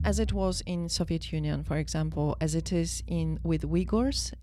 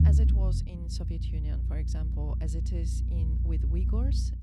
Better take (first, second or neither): first